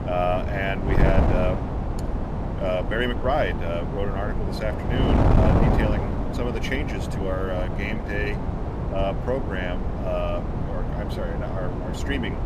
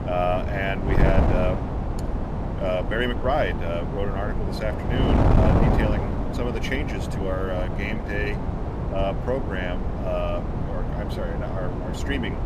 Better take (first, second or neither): neither